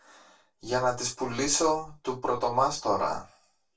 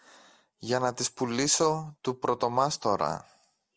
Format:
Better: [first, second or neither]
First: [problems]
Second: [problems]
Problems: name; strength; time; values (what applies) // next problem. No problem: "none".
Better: second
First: room echo; dies away in 0.2 s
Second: none